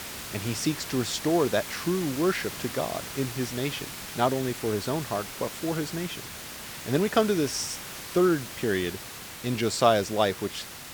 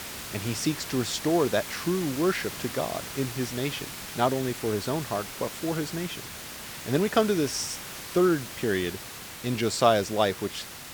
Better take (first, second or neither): neither